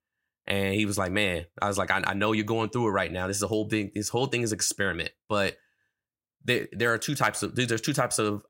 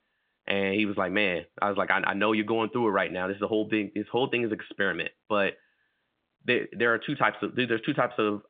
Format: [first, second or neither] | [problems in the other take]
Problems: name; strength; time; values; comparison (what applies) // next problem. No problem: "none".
first | phone-call audio; nothing above 3.5 kHz